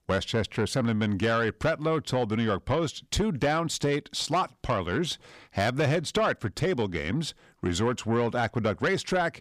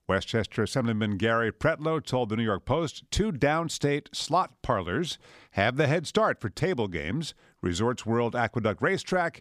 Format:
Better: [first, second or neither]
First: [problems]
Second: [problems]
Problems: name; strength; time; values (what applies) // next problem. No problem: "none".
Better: second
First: distortion; slight; 10 dB below the speech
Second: none